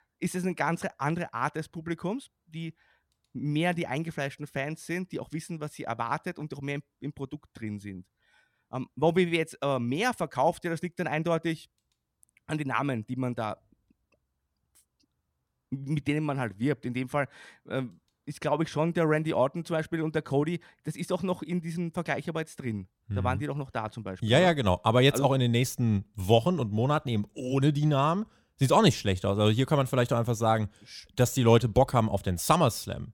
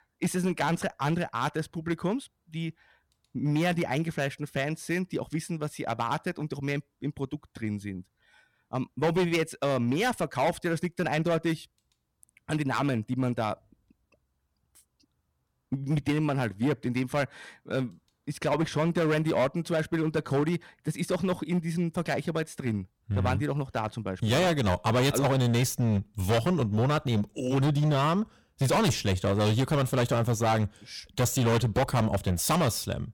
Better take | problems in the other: first | distortion; heavy; 10% of the sound clipped

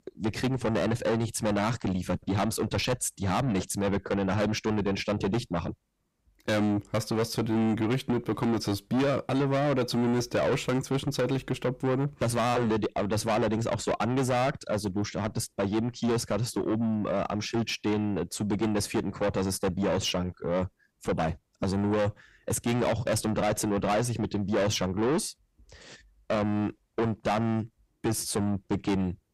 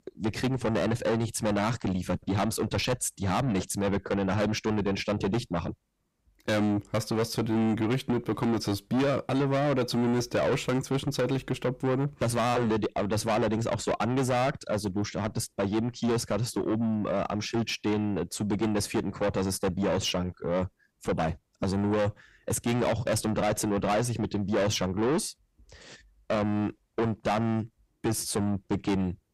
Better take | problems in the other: neither | distortion; heavy; 5 dB below the speech; the same in both

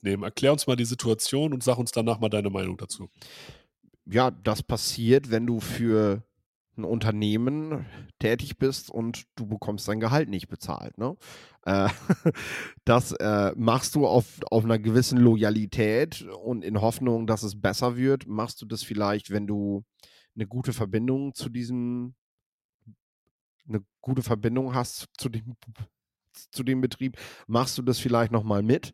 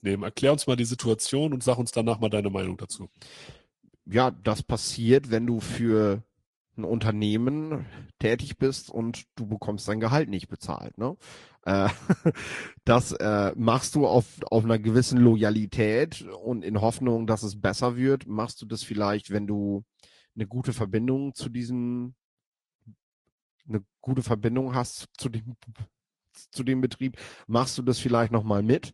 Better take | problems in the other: first | garbled, watery; slightly; nothing above 10.5 kHz

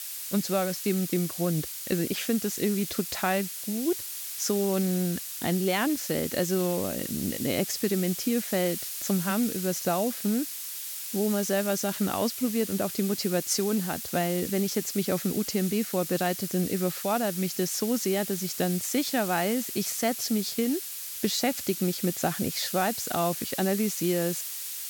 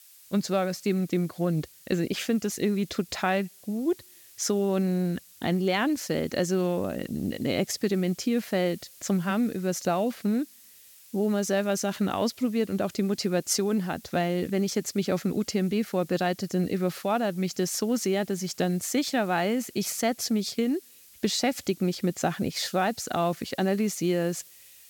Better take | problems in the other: second | hiss; loud; throughout; 5 dB below the speech; faint in the second

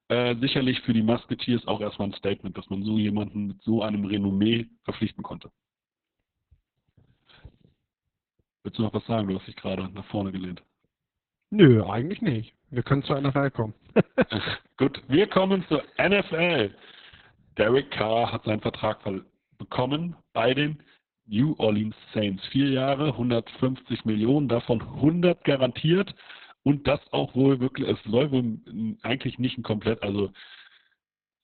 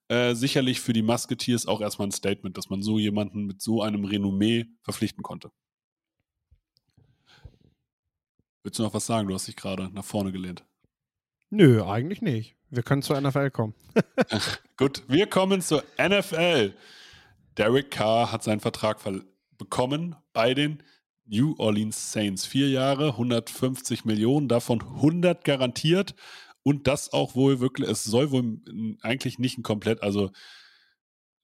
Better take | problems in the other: second | garbled, watery; badly; nothing above 4 kHz

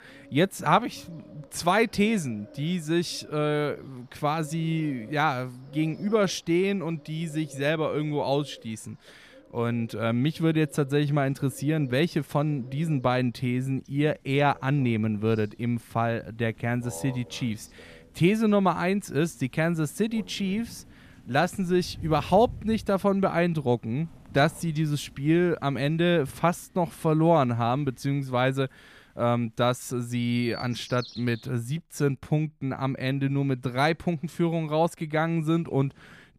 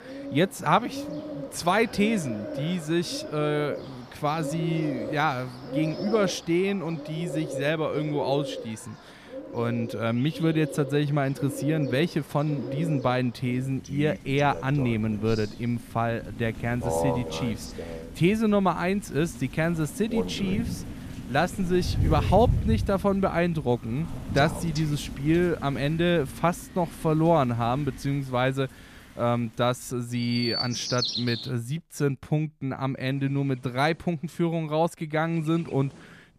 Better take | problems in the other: first | animal sounds; loud; throughout; 8 dB below the speech; faint in the first

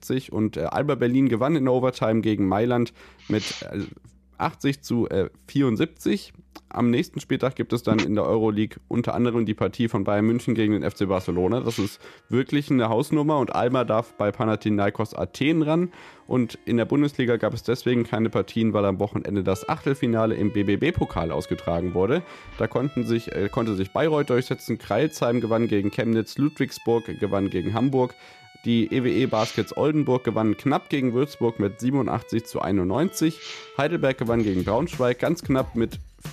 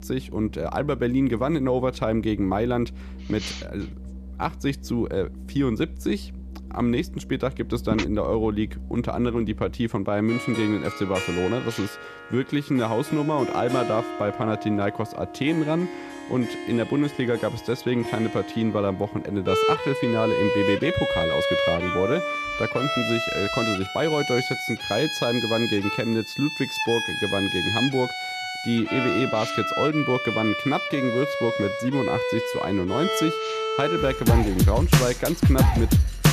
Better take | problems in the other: first | background music; loud; throughout; 1 dB below the speech; faint in the first

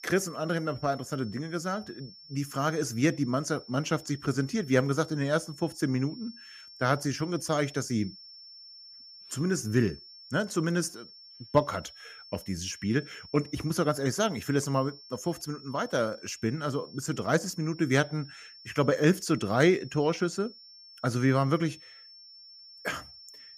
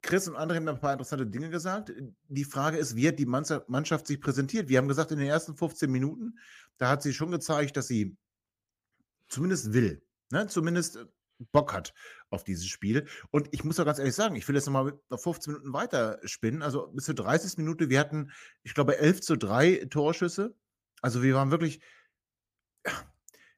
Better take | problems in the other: second | high-pitched whine; noticeable; throughout; 5.5 kHz, 20 dB below the speech

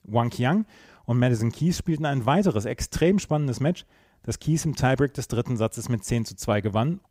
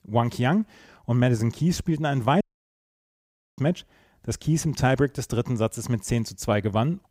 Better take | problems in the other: first | audio cutting out; at 2.5 s for 1 s

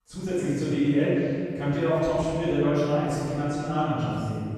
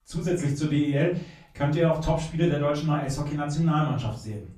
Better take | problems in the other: second | room echo; strong; dies away in 2 s; slight in the second // off-mic speech; far; far in the second

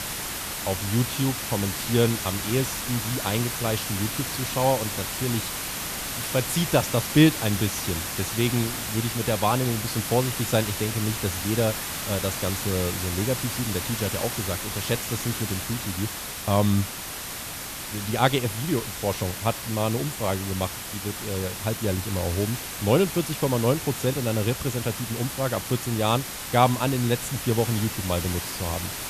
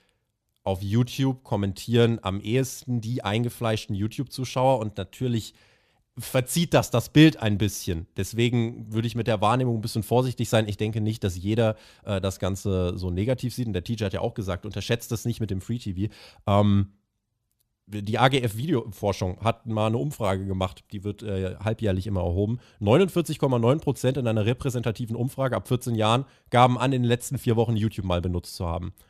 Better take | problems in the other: second | hiss; loud; throughout; 4 dB below the speech

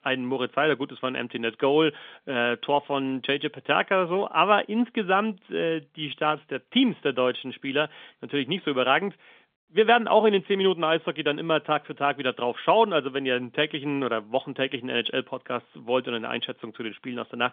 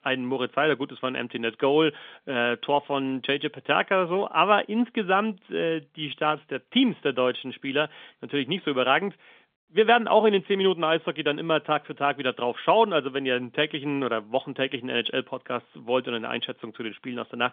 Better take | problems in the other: neither | phone-call audio; nothing above 3.5 kHz; the same in both

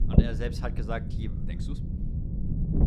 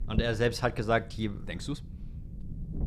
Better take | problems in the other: second | low rumble; loud; throughout; 3 dB below the speech; faint in the second

